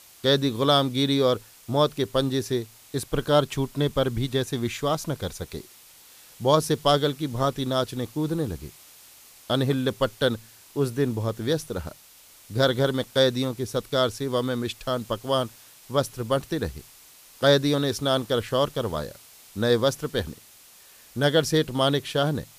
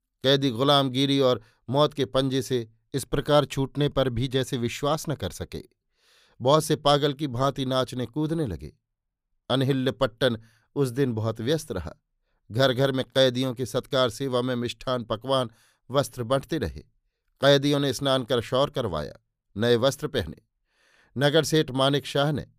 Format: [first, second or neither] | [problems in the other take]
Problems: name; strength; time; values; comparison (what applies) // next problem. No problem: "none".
second | hiss; faint; throughout; 25 dB below the speech